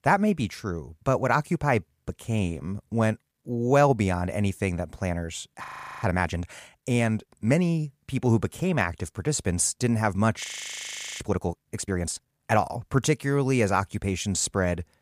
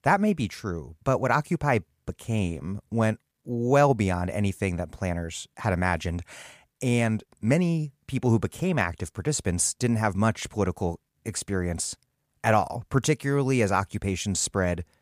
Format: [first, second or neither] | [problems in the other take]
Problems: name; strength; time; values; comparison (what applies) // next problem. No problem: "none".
second | audio freezing; at 5.5 s and at 10 s for 1 s